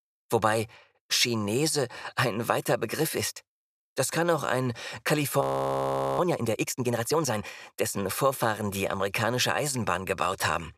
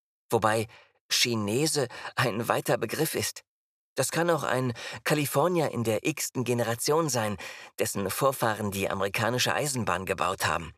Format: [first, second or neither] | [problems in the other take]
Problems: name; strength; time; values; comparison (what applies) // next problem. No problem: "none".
second | audio freezing; at 5.5 s for 1 s